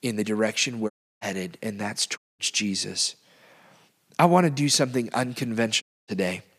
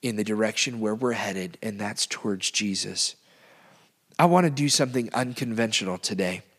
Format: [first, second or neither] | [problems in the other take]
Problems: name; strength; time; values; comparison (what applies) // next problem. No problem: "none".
second | audio cutting out; at 1 s, at 2 s and at 6 s